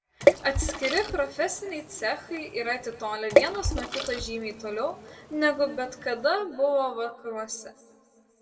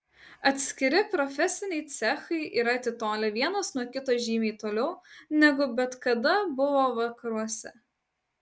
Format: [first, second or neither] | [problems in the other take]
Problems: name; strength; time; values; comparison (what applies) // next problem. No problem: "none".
second | background sound (Water / Splash, splatter); as loud as the speech // room echo; dies away in 1.6 s